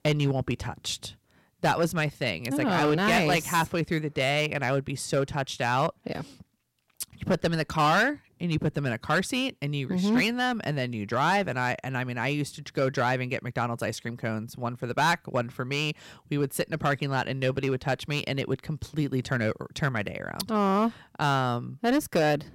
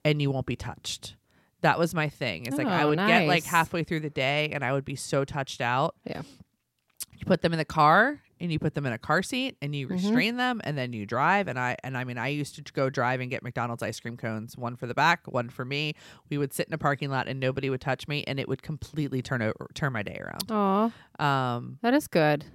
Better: second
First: distortion; slight; 5% of the sound clipped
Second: none

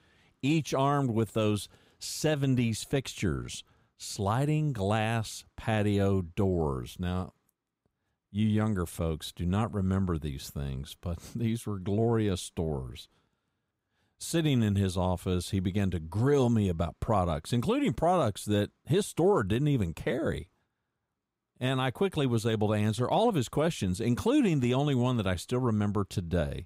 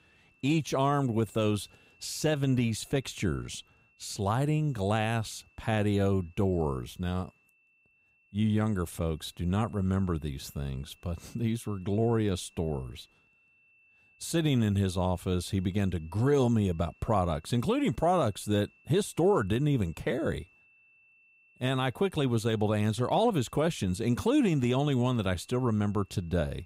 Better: first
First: none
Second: high-pitched whine; faint; throughout; 2.5 kHz, 35 dB below the speech

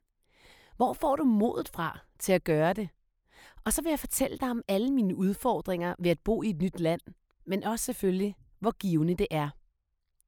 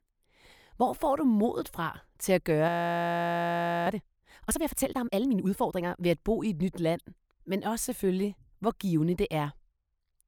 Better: first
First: none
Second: audio freezing; at 2.5 s for 1 s

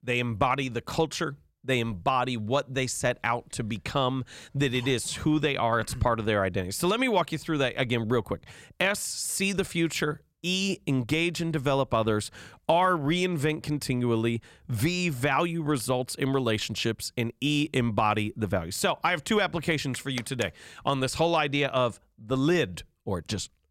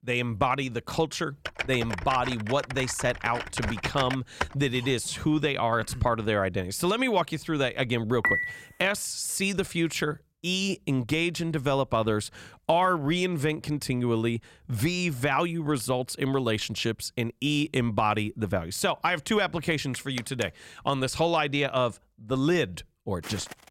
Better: first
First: none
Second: keyboard typing; noticeable; from 1.5 to 4.5 s; peak 4 dB below the speech // clattering dishes; loud; at 8 s; peak 2 dB above the speech // footsteps; faint; at 23 s; peak 15 dB below the speech

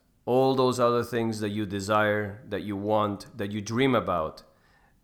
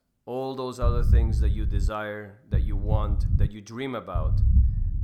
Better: first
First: none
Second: low rumble; loud; from 1 to 2 s, at 2.5 s and at 4 s; 8 dB below the speech

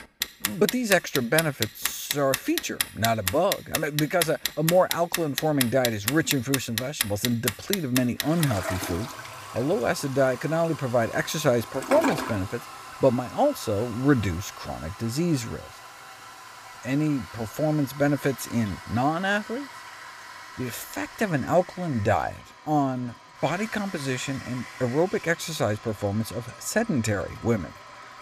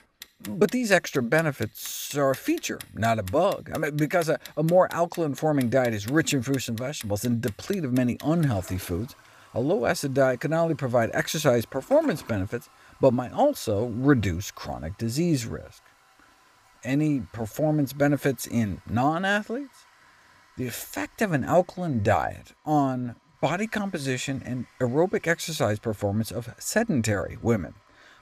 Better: second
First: household noises; loud; throughout; 7 dB below the speech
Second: household noises; faint; throughout; 20 dB below the speech

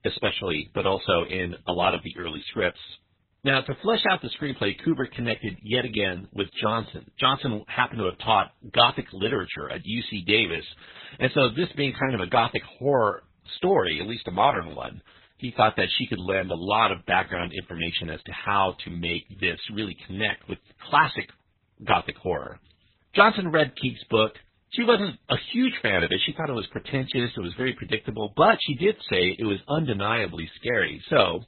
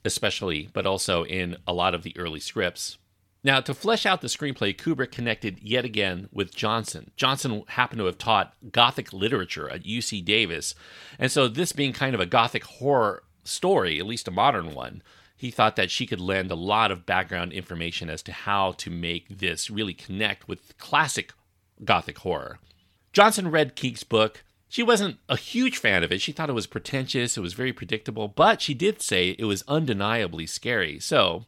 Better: second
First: garbled, watery; badly; nothing above 4 kHz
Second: none

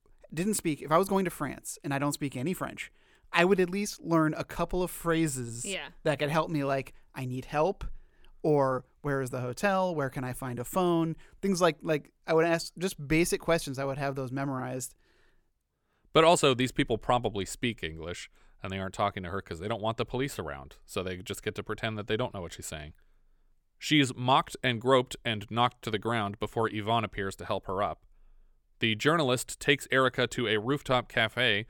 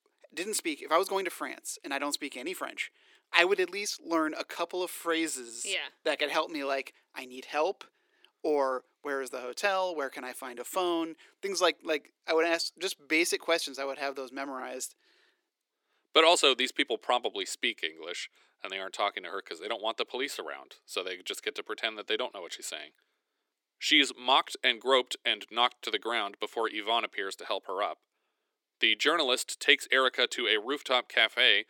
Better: first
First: none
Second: thin; somewhat; fading below 300 Hz

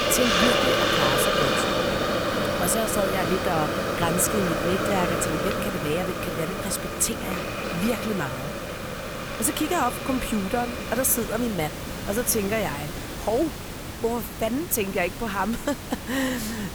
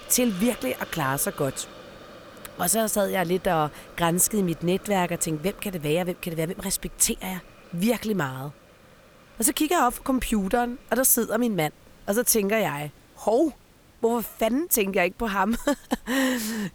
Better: second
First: hiss; loud; throughout; as loud as the speech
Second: hiss; faint; throughout; 25 dB below the speech

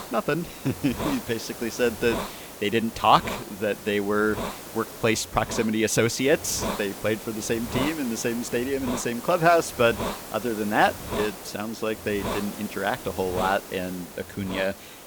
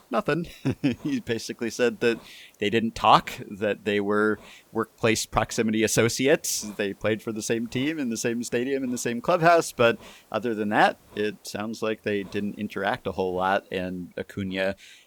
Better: second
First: hiss; loud; throughout; 9 dB below the speech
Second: hiss; faint; throughout; 30 dB below the speech

